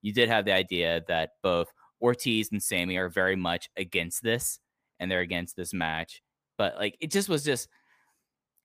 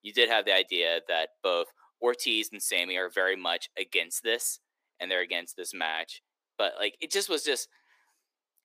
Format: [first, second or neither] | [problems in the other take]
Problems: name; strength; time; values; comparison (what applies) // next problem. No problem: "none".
first | thin; somewhat; fading below 350 Hz